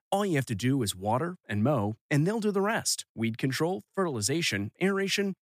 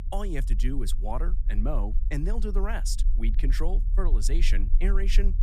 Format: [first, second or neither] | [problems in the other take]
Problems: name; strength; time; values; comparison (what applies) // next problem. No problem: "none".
first | low rumble; noticeable; throughout; 15 dB below the speech